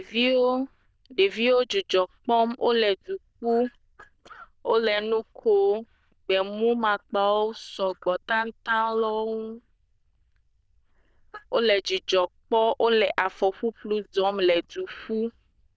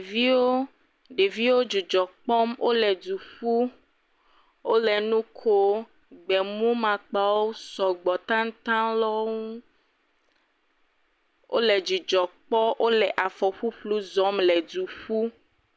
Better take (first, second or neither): second